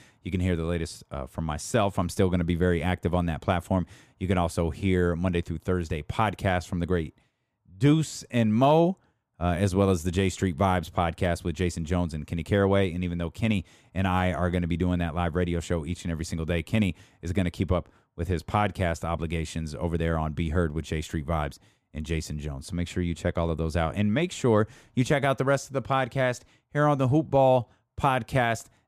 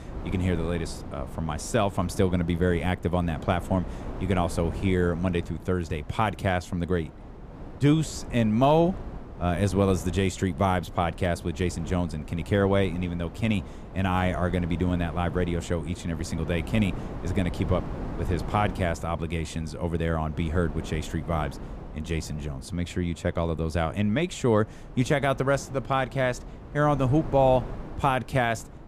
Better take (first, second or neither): first